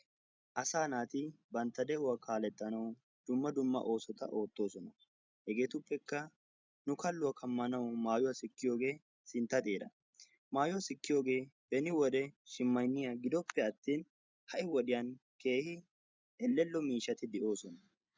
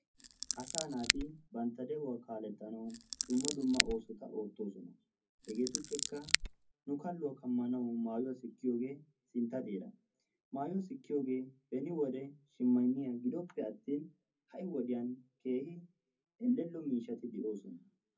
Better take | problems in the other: first | background sound (Scissors); 1 dB above the speech // room echo; dies away in 0.3 s

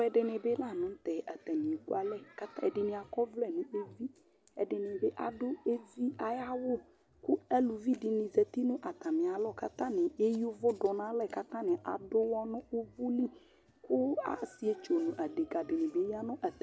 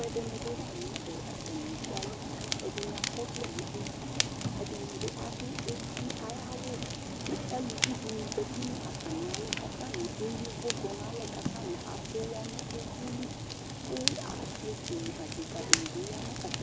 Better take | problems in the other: first | background sound (Fire); 4 dB above the speech

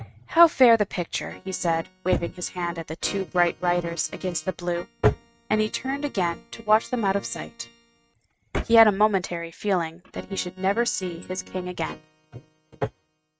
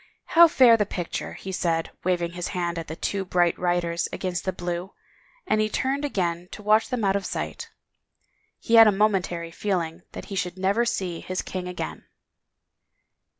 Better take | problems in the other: second | noise reduction (neural mask model RNNoise)

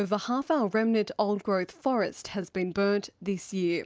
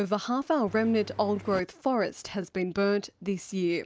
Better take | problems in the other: first | background sound (Engine); 16 dB below the speech

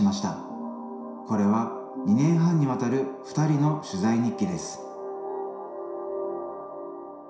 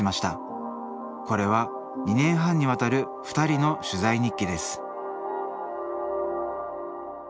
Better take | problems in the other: second | room echo; dies away in 0.7 s

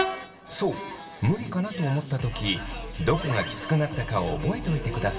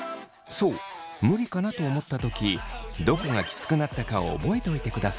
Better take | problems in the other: second | background sound (Train); 12 dB below the speech // room echo; dies away in 2 s

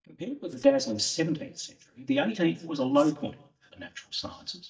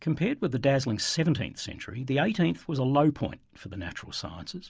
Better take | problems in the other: second | noise reduction (neural mask model DeepFilterNet 3)

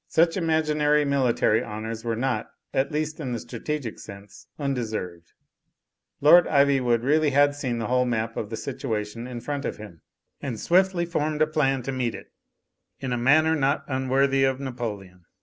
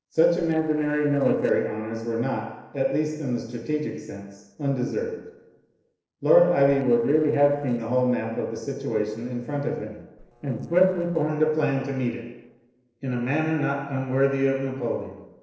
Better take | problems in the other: first | noise reduction (neural separator model SepFormer DNS4)

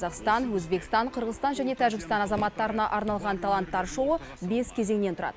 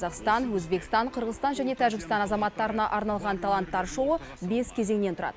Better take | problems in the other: second | background sound (Raindrop / Drip); 18 dB below the speech

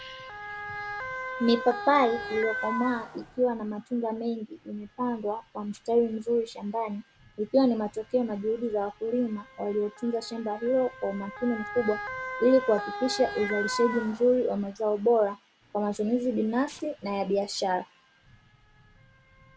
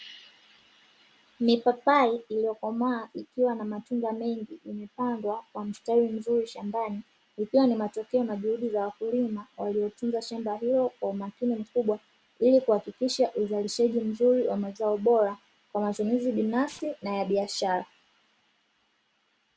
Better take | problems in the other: second | background sound (Motor vehicle (road) / Siren); 12 dB below the speech

